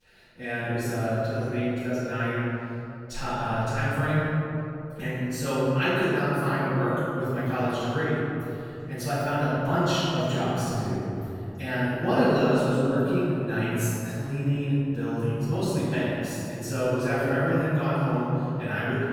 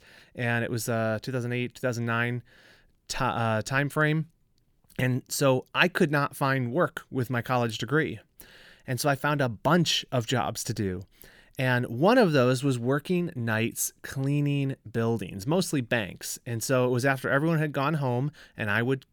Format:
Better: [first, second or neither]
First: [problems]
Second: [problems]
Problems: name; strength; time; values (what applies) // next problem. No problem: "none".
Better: second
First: off-mic speech; far // room echo; strong; dies away in 2.8 s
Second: none